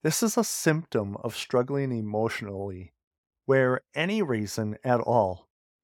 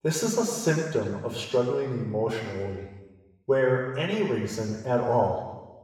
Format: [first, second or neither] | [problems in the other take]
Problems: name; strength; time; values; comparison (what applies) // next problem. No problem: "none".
first | room echo; noticeable; dies away in 1.3 s // off-mic speech; somewhat distant